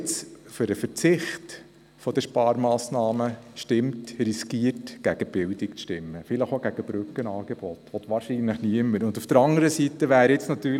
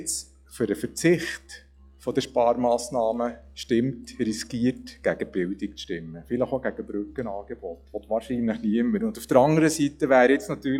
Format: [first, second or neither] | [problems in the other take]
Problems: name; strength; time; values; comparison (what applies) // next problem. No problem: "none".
first | noise reduction (classical method log-MMSE)